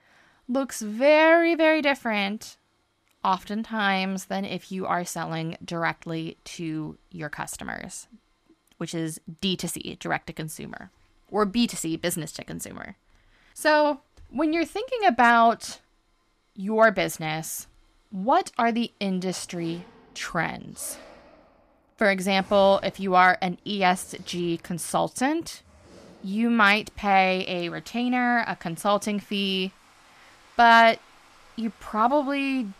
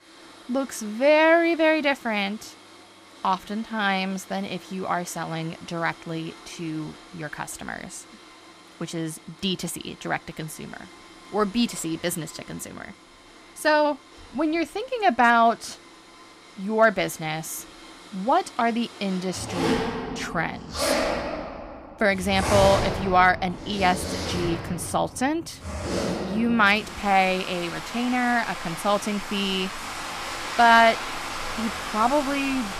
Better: first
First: household noises; faint; throughout; 30 dB below the speech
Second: household noises; loud; throughout; 7 dB below the speech

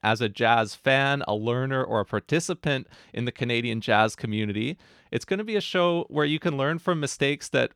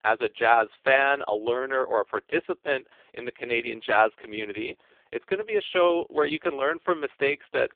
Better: first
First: none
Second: phone-call audio; poor line

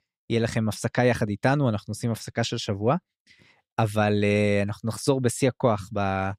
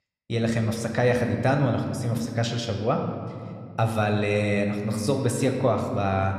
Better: first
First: none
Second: room echo; slight; dies away in 1.8 s

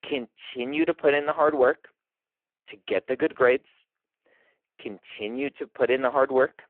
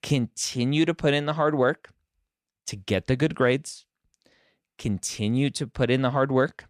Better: second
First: phone-call audio; poor line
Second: none

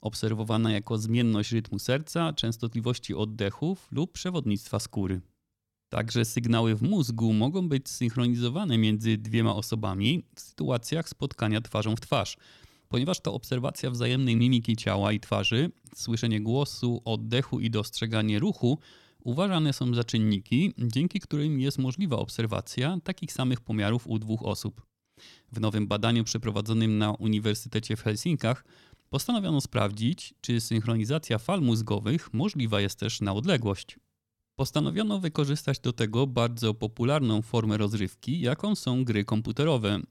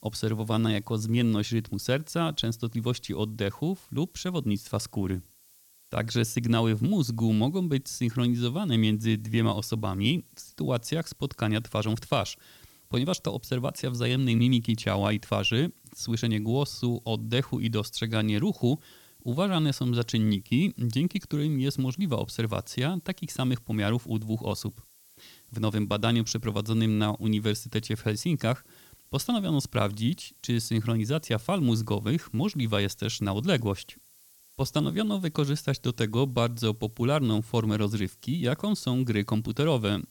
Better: first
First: none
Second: hiss; faint; throughout; 25 dB below the speech

